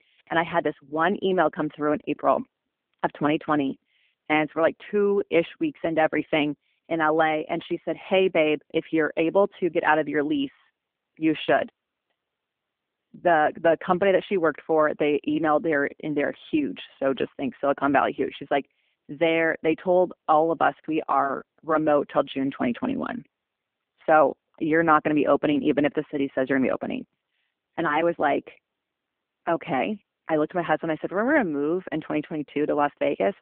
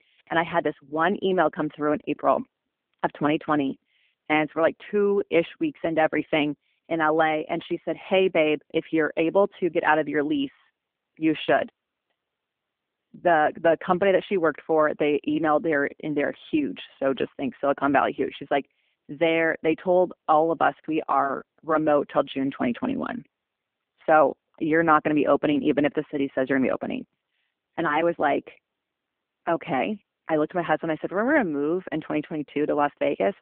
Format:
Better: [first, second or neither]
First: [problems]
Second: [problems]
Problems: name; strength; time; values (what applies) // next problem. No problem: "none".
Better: neither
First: phone-call audio; nothing above 3.5 kHz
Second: phone-call audio; nothing above 3.5 kHz